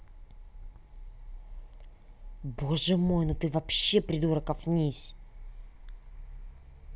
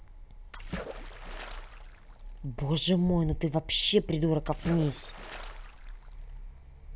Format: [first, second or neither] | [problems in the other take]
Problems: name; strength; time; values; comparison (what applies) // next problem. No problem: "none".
first | background sound (Splash, splatter); 13 dB below the speech